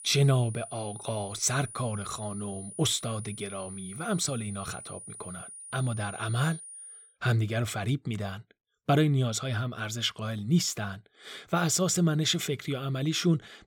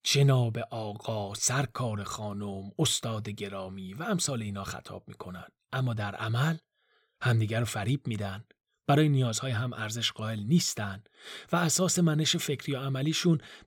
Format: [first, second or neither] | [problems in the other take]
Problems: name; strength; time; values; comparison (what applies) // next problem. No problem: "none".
second | high-pitched whine; noticeable; until 7 s; 9.5 kHz, 15 dB below the speech